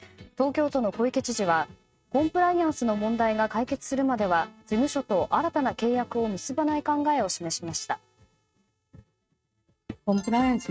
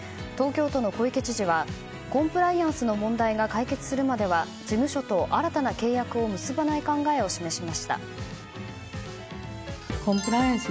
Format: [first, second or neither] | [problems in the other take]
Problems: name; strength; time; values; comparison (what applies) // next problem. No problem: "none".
second | noise reduction (neural mask model RNNoise)